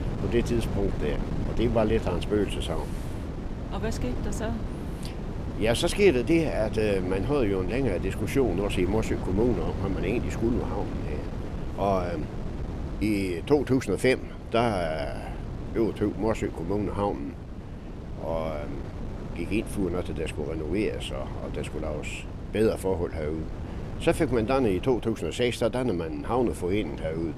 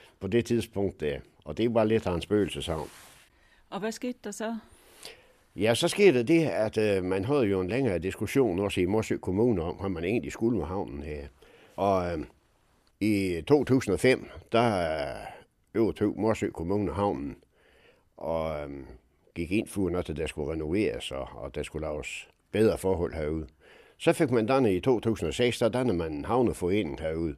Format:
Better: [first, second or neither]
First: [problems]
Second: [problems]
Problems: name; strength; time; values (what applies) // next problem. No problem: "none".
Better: second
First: wind noise on the microphone; occasional gusts; 10 dB below the speech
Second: none